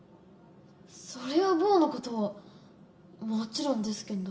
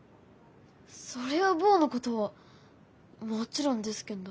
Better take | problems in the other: second | room echo; dies away in 1.6 s

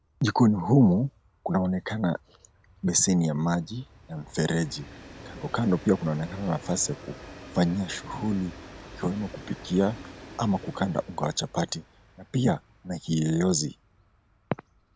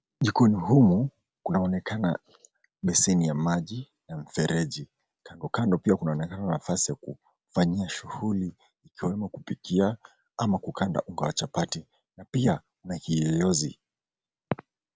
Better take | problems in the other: second | background sound (Train); 19 dB below the speech

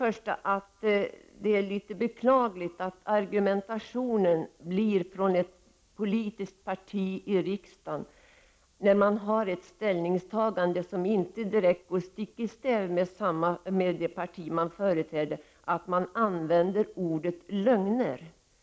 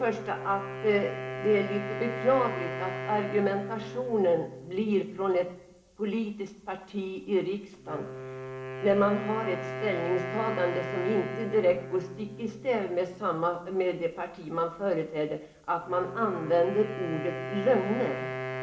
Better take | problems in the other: first | background sound (Wind instrument, woodwind instrument); 9 dB below the speech // room echo; dies away in 0.7 s

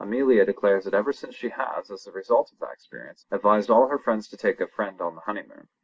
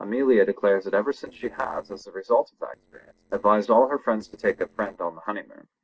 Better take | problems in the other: first | noise reduction (neural separator model SepFormer DNS4)

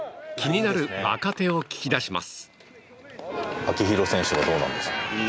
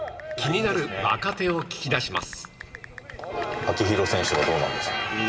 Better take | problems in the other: first | background sound (Typing); 17 dB below the speech // room echo; dies away in 2.5 s

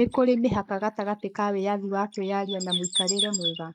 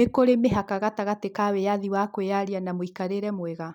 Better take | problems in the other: second | noise reduction (neural mask model Resemble Enhance denoiser)

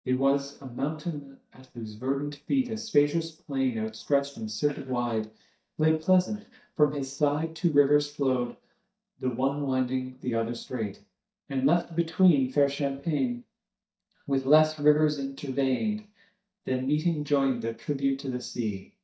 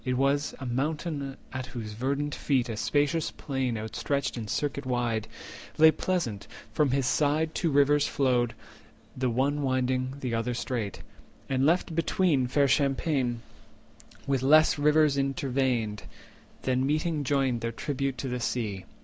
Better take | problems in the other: second | noise reduction (neural mask model DeepFilterNet 3)

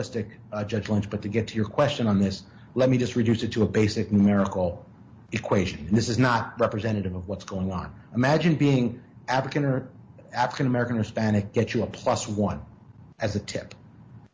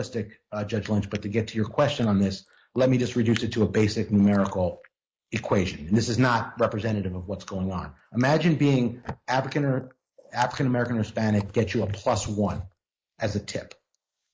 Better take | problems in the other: first | noise reduction (neural mask model Resemble Enhance denoiser)

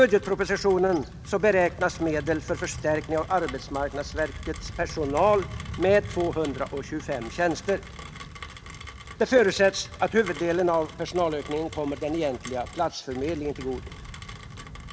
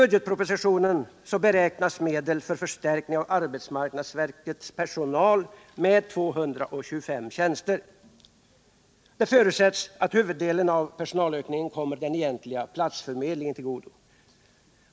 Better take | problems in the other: second | background sound (Rain); 13 dB below the speech

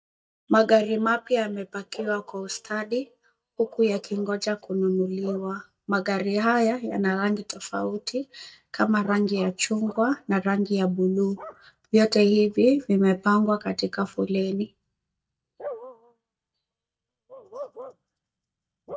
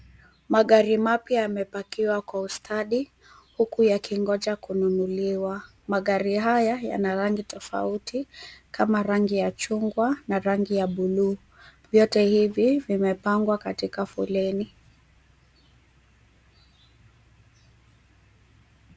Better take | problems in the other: second | noise reduction (neural mask model DeepFilterNet 3)

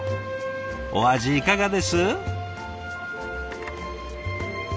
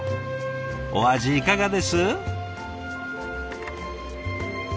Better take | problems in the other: first | background sound (Organ); 14 dB below the speech

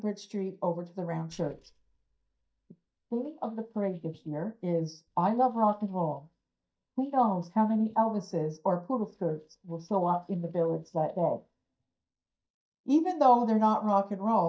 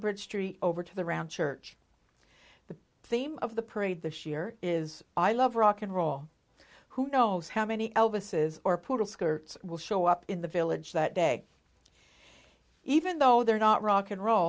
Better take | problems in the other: second | noise reduction (neural mask model DeepFilterNet 3)

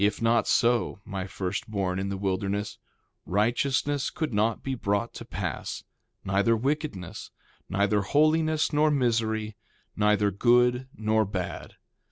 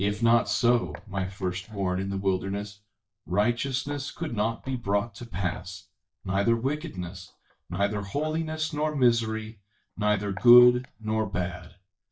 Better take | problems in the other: first | noise reduction (neural mask model DeepFilterNet 3)

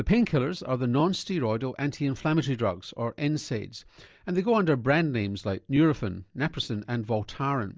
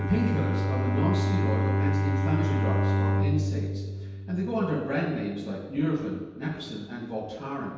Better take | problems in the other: first | background sound (Bowed string instrument); 2 dB above the speech // room echo; dies away in 1.2 s

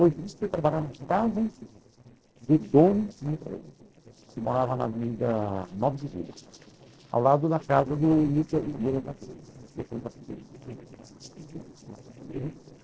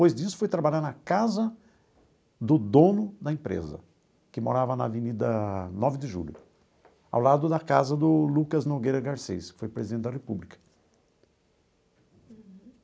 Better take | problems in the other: second | noise reduction (neural separator model SepFormer DNS4)

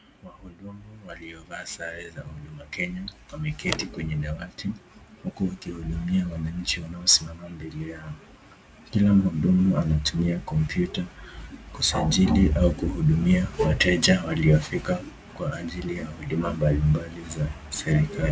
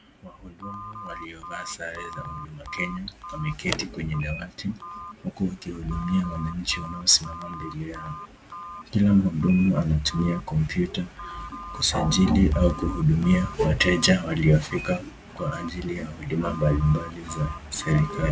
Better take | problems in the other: first | background sound (Telephone); 16 dB below the speech

